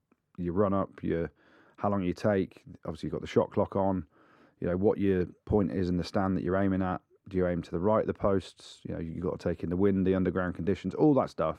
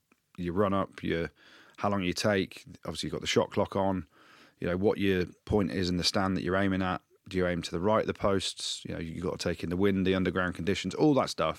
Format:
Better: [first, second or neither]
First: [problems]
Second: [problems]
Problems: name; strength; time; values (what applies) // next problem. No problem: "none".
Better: second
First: muffled; very; fading above 2 kHz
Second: none